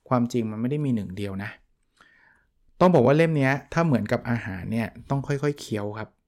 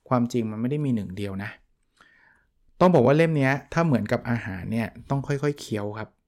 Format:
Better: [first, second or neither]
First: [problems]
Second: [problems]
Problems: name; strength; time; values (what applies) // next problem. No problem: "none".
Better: neither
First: none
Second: none